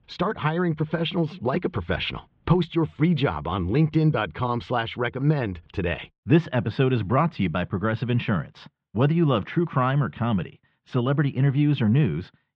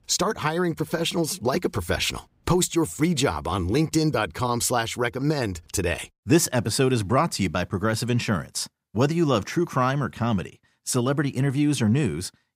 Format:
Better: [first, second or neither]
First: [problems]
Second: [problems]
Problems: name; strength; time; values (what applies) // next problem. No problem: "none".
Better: second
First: muffled; very; fading above 3.5 kHz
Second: none